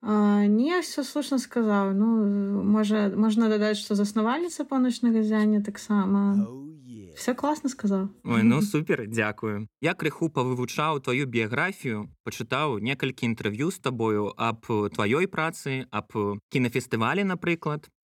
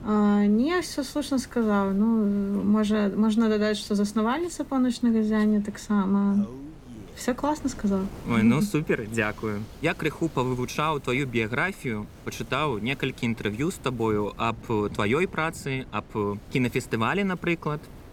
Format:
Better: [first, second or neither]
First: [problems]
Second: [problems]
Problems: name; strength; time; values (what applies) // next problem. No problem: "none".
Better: first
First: none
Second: wind noise on the microphone; occasional gusts; 20 dB below the speech